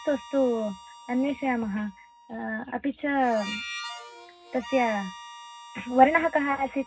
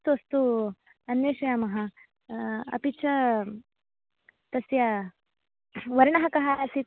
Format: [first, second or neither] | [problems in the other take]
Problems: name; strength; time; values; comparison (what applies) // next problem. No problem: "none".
second | background sound (Harmonica); 15 dB below the speech // room echo; dies away in 0.4 s